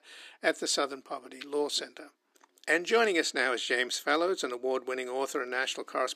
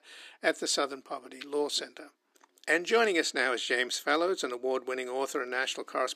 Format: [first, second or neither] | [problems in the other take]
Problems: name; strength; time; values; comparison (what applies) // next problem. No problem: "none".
neither | thin; very; fading below 300 Hz; the same in both